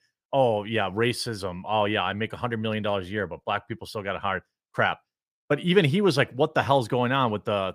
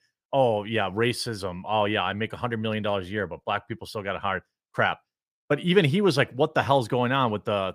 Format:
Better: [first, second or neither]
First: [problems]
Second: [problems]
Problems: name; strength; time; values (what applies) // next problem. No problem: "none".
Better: neither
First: none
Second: none